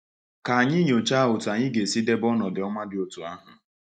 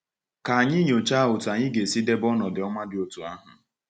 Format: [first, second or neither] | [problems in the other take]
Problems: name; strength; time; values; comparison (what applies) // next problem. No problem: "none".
second | noise reduction (neural mask model Resemble Enhance denoiser)